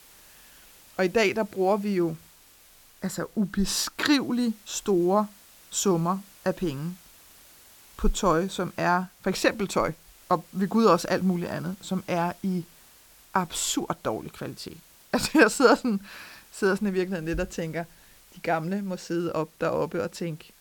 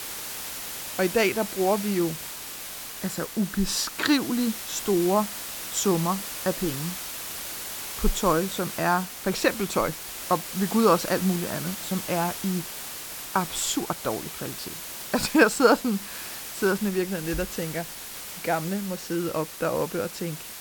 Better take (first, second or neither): first